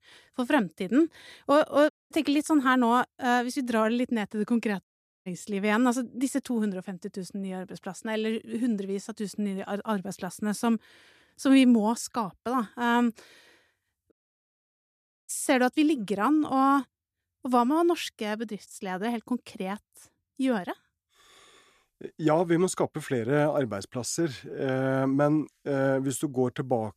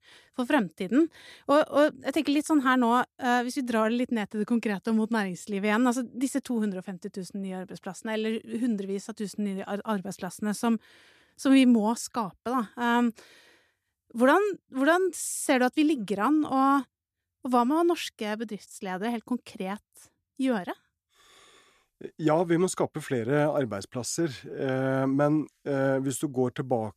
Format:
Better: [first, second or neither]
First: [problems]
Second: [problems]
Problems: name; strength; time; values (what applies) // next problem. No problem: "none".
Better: second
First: audio cutting out; at 2 s, at 5 s and at 14 s for 1 s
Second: none